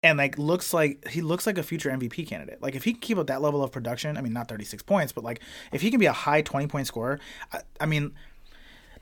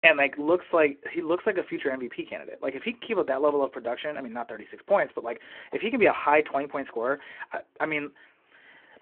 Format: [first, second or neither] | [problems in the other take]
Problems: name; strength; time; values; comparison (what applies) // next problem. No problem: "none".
first | phone-call audio